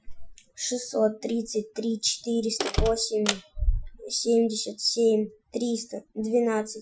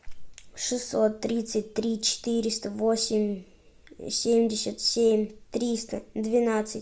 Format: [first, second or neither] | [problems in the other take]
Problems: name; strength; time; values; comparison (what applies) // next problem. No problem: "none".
second | noise reduction (classical method Wiener filter)